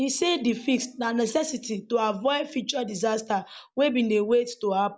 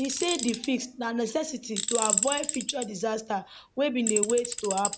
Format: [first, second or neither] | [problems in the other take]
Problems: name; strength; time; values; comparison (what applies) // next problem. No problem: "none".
first | background sound (Tools); 2 dB below the speech